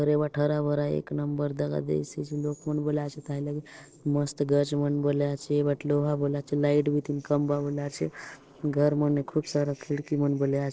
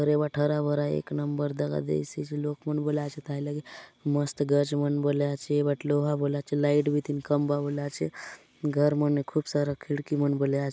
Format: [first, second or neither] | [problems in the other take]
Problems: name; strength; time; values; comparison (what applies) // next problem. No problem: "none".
second | noise reduction (neural separator model SepFormer DNS4)